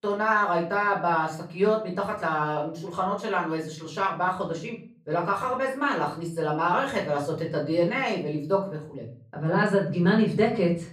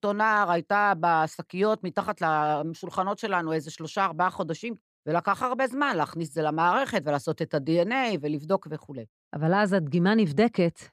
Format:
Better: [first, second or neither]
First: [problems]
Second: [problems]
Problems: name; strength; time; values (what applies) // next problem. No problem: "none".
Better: second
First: off-mic speech; far // room echo; slight; dies away in 0.4 s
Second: none